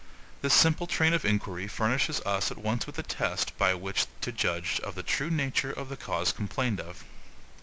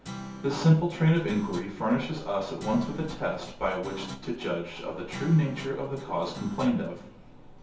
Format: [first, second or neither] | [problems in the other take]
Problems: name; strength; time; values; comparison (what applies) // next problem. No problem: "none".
first | background sound (Guitar); 15 dB below the speech // room echo; dies away in 0.6 s